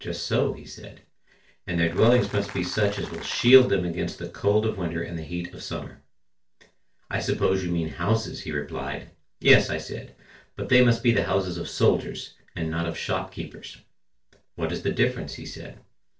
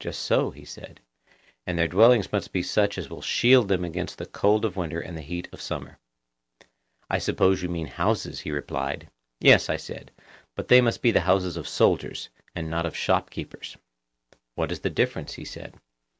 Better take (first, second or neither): second